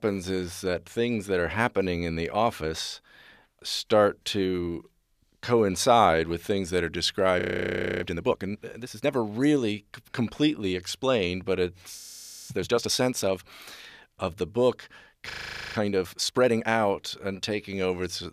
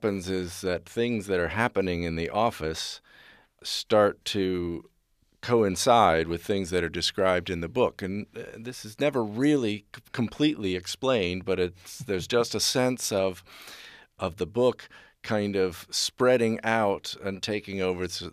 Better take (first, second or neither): second